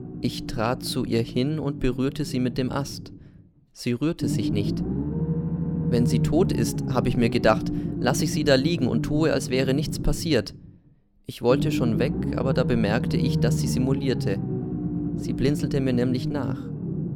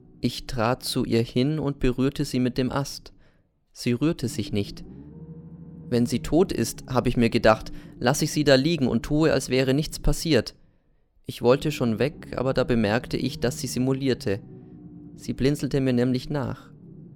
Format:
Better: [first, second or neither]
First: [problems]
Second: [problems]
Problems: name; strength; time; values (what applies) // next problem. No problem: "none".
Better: second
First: low rumble; loud; throughout; 8 dB below the speech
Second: low rumble; faint; throughout; 25 dB below the speech